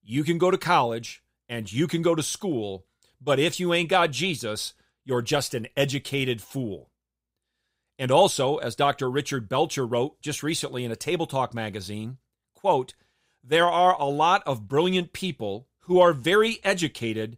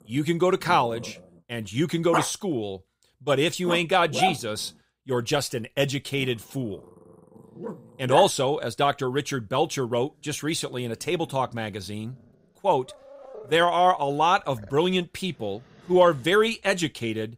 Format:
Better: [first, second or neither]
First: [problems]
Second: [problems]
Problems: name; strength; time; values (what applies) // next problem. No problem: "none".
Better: first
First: none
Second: animal sounds; loud; throughout; 8 dB below the speech